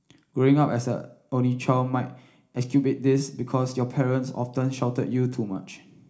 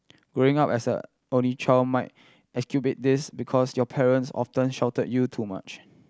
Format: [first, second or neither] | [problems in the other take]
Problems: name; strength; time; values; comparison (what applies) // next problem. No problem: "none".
second | room echo; dies away in 0.4 s